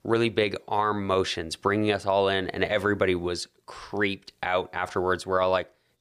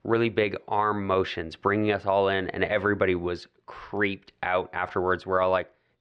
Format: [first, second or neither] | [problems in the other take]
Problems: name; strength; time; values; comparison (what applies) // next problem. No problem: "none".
first | muffled; slightly; fading above 2.5 kHz